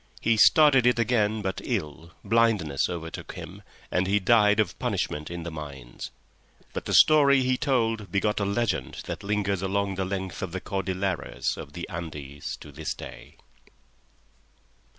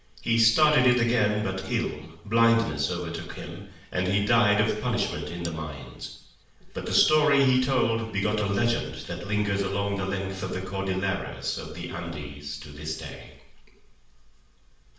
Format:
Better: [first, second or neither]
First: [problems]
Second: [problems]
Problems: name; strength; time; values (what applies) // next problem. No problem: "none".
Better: first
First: none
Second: background sound (Cutlery, silverware); 18 dB below the speech // room echo; dies away in 0.7 s